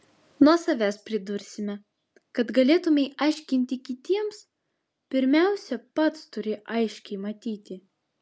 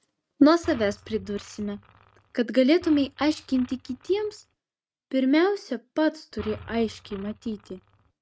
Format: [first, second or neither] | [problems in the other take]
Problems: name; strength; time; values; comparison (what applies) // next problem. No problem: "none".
first | noise reduction (neural mask model RNNoise)